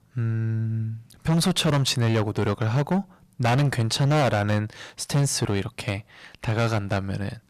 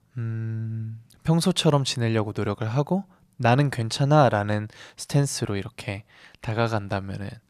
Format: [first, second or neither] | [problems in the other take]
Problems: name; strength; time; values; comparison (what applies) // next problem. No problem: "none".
second | distortion; heavy; 11% of the sound clipped